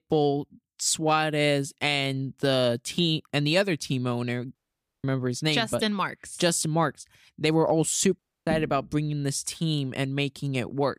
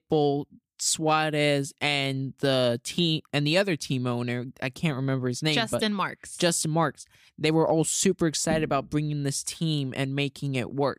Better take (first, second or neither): second